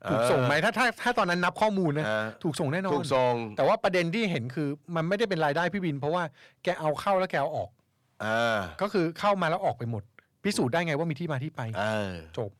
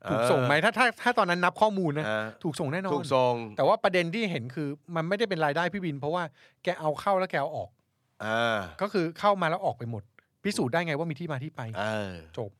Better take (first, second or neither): second